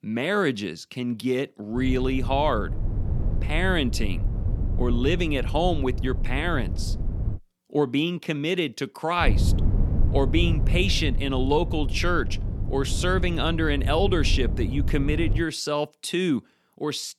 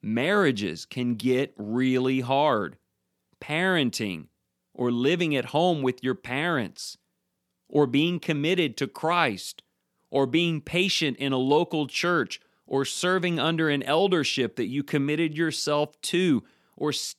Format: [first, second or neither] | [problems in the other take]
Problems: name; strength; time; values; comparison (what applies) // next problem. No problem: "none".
second | low rumble; noticeable; from 2 to 7.5 s and from 9 to 15 s; 15 dB below the speech